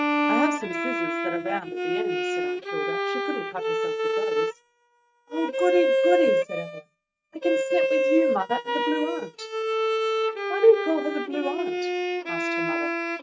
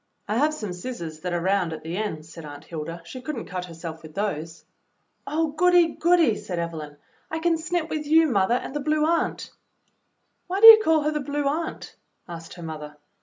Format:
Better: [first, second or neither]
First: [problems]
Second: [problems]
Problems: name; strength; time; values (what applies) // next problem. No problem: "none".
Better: second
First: noise reduction (neural mask model RNNoise)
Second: none